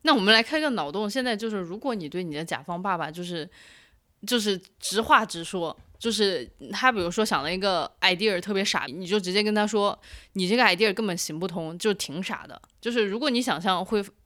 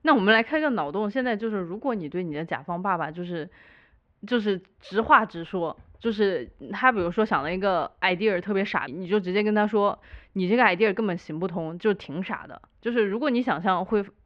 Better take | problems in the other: first | muffled; very; fading above 2 kHz

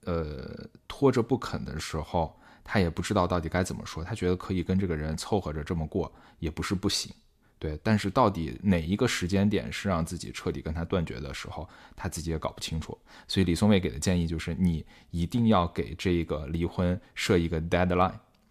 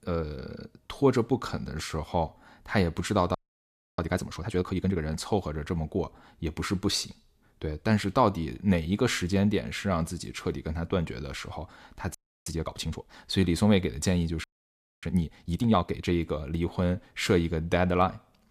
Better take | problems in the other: first | audio freezing; at 3.5 s for 0.5 s, at 12 s and at 14 s for 0.5 s

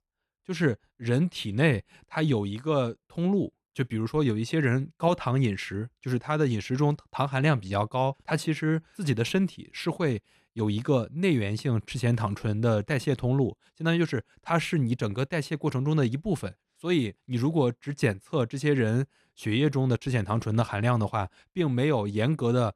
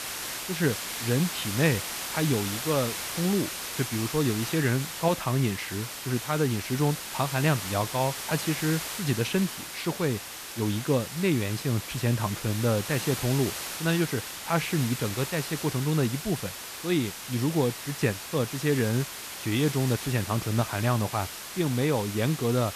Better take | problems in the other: first | hiss; loud; throughout; 6 dB below the speech

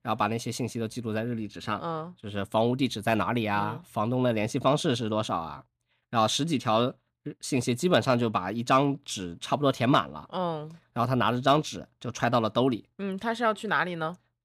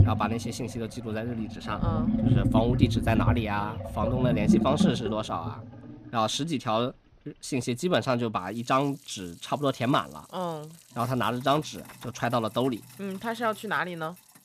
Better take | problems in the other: first | household noises; very loud; throughout; 2 dB above the speech

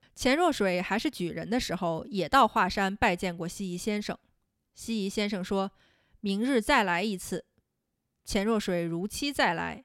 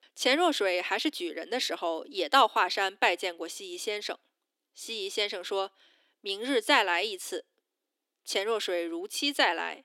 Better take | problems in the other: first | thin; somewhat; fading below 300 Hz

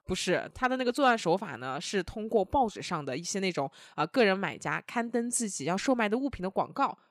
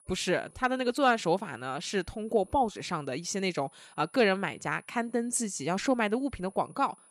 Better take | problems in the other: first | high-pitched whine; faint; throughout; 10 kHz, 30 dB below the speech

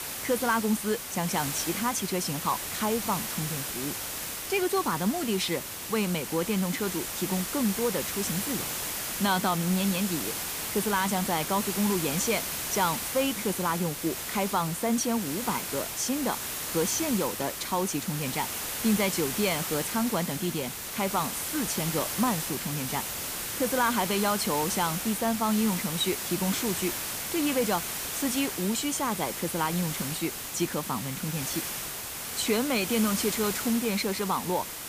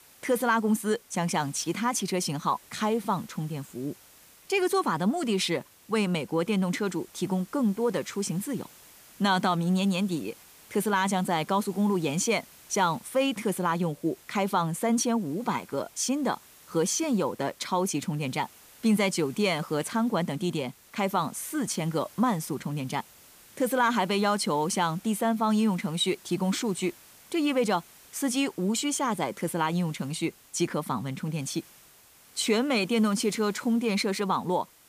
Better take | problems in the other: second | hiss; loud; throughout; 3 dB below the speech; faint in the second

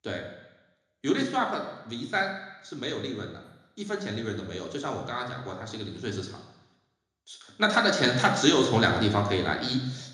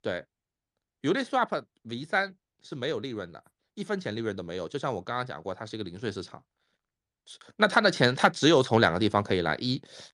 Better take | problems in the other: second | room echo; noticeable; dies away in 0.9 s // off-mic speech; somewhat distant

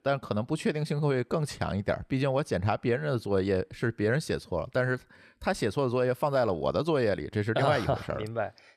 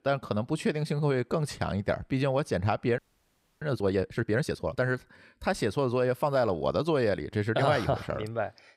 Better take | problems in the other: first | audio freezing; at 3 s for 0.5 s

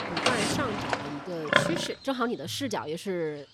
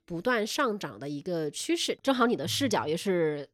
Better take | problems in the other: second | animal sounds; very loud; throughout; 4 dB above the speech

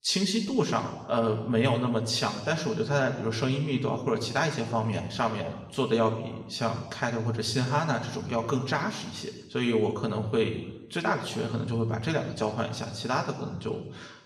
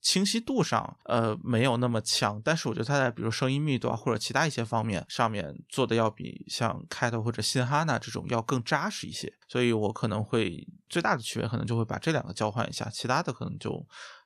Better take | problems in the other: second | room echo; noticeable; dies away in 1 s // off-mic speech; somewhat distant

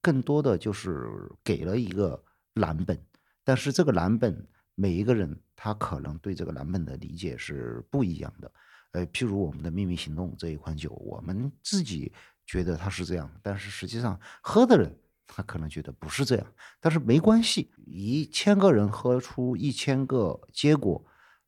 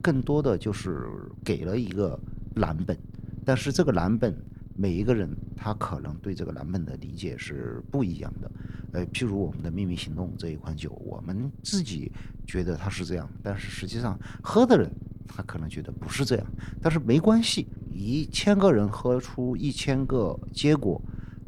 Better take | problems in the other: first | low rumble; faint; throughout; 20 dB below the speech

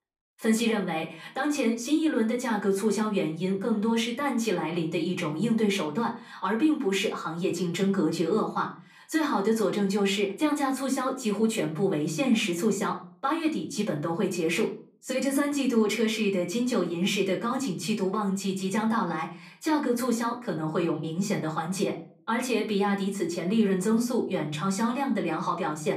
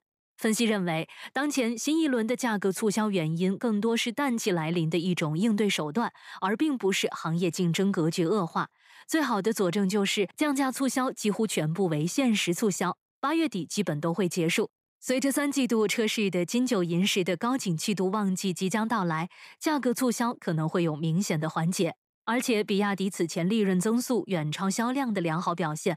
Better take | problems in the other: second | off-mic speech; far // room echo; very slight; dies away in 0.3 s

